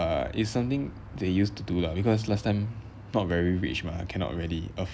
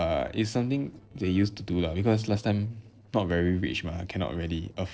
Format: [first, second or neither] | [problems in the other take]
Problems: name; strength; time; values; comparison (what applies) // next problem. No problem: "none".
first | noise reduction (neural separator model SepFormer DNS4)